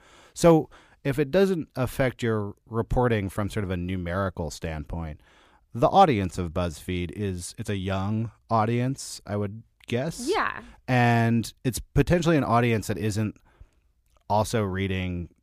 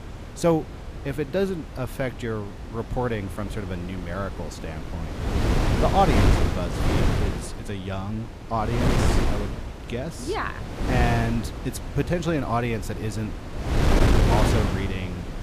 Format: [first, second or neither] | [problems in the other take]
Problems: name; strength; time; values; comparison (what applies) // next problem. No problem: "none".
first | wind noise on the microphone; heavy; 1 dB below the speech